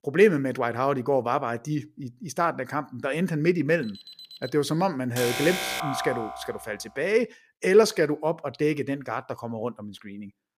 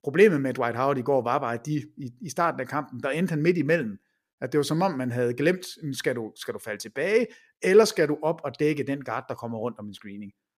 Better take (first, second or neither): second